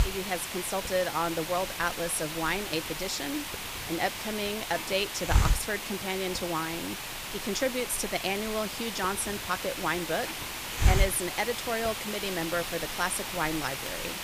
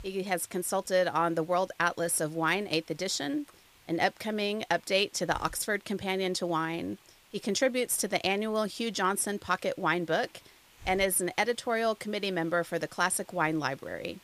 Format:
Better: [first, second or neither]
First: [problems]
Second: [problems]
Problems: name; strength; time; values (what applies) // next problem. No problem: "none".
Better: second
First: hiss; loud; throughout; 2 dB below the speech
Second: hiss; faint; throughout; 25 dB below the speech